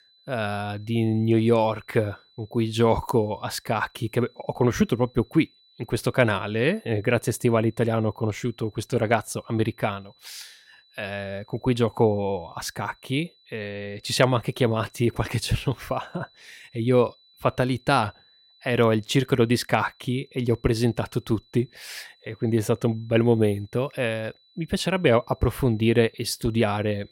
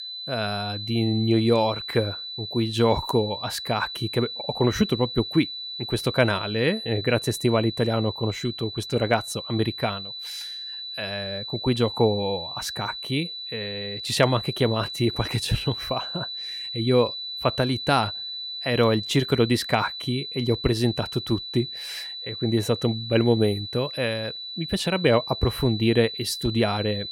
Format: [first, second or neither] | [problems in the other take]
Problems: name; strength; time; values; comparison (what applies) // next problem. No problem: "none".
first | high-pitched whine; loud; throughout; 4 kHz, 7 dB below the speech; faint in the first